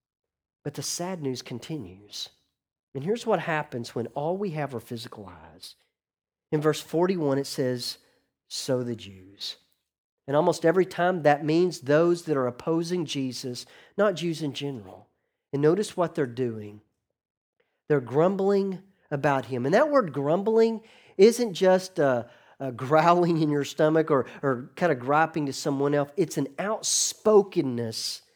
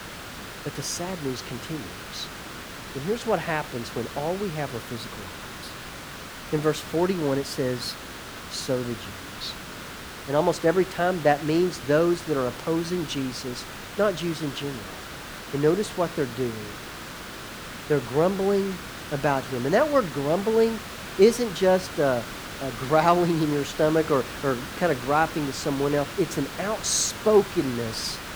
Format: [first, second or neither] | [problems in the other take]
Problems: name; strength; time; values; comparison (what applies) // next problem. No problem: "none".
first | hiss; noticeable; throughout; 10 dB below the speech